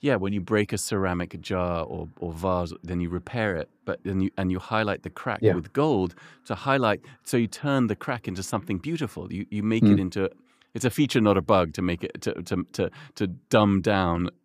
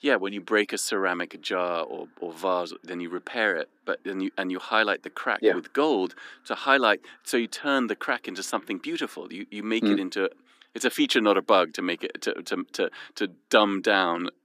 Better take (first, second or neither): first